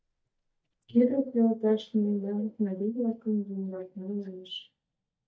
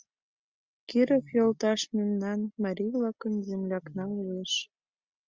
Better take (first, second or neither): second